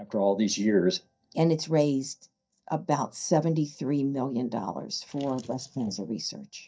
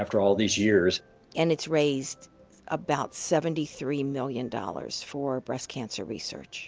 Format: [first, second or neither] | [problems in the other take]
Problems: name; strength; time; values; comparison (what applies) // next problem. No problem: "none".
second | noise reduction (neural mask model DeepFilterNet 3)